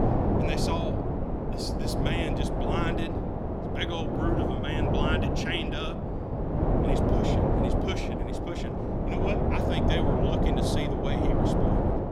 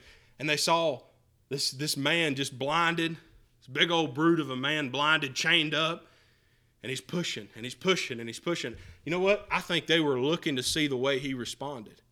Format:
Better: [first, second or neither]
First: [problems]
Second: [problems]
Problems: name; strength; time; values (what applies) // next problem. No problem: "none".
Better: second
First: wind noise on the microphone; heavy; 4 dB above the speech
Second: none